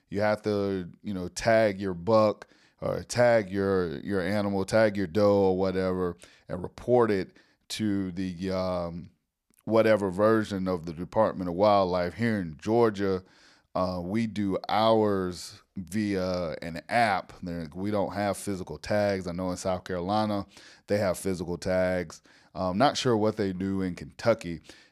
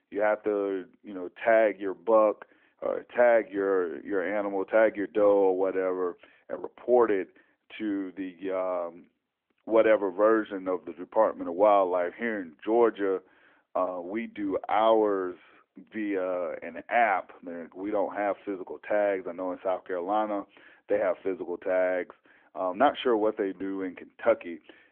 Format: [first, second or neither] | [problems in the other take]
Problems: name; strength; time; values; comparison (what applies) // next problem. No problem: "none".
first | phone-call audio; nothing above 3.5 kHz